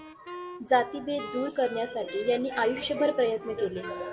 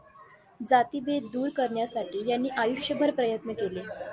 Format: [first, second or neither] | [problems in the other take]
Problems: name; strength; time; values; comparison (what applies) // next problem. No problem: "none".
second | background sound (Wind instrument, woodwind instrument); 13 dB below the speech // room echo; dies away in 2.2 s